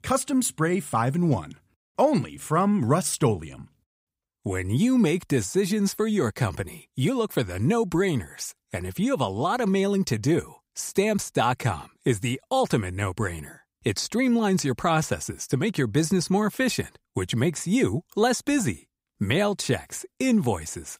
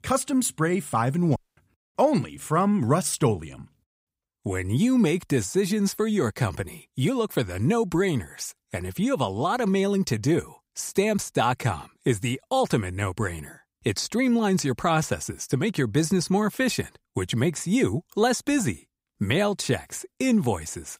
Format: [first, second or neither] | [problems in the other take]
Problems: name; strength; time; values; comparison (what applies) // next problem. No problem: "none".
first | audio cutting out; at 1.5 s